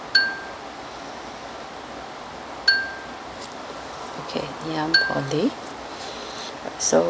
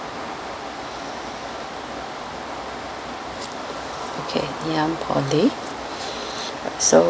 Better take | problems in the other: second | background sound (Marimba, xylophone); 1 dB above the speech

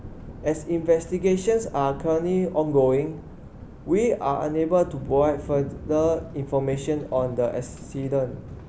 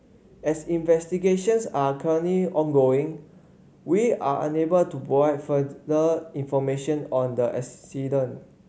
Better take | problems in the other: second | background sound (Thunder); 15 dB below the speech

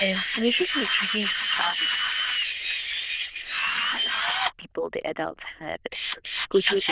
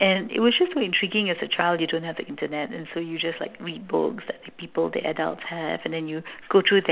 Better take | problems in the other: second | noise reduction (neural diffusion model UNIVERSE++)

